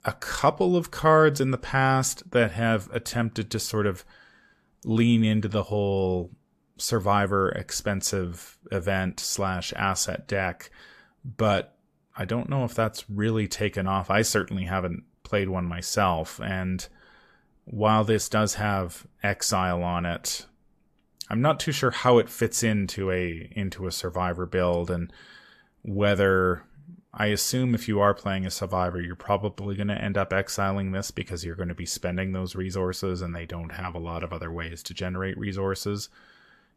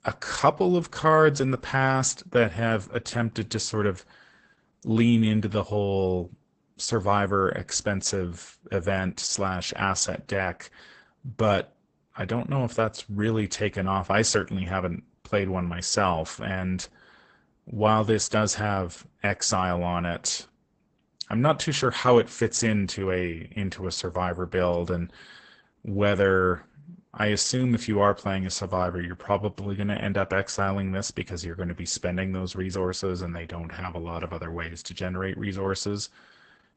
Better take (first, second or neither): first